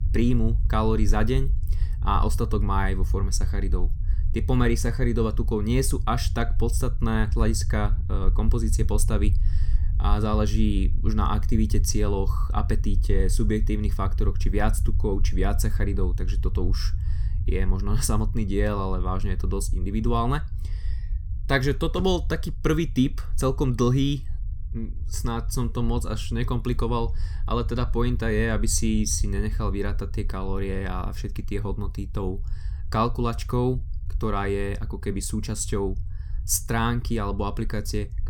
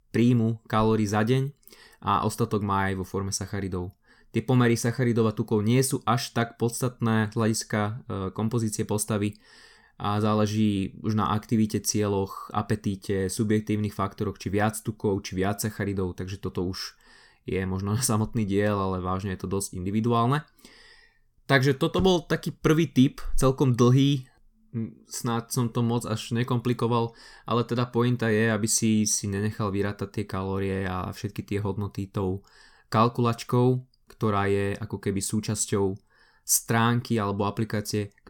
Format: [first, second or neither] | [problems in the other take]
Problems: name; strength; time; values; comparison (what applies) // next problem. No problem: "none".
second | low rumble; noticeable; throughout; 20 dB below the speech